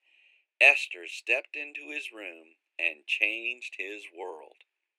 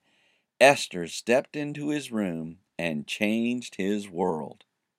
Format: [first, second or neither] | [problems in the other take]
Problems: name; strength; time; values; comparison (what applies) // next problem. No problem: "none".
second | thin; very; fading below 350 Hz